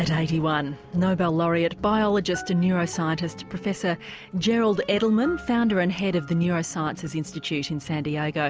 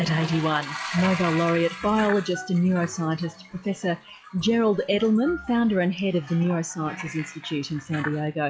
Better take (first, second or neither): first